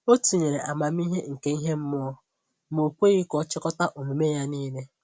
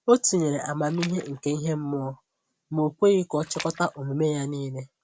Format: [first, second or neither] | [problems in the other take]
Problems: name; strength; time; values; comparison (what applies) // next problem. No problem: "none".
first | background sound (Splash, splatter); 15 dB below the speech